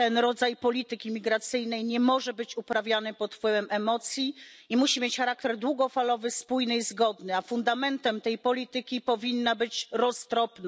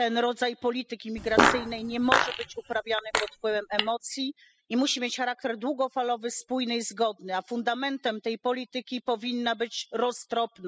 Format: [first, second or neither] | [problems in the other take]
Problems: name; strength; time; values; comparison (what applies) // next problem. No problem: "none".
first | noise reduction (classical method spectral subtraction)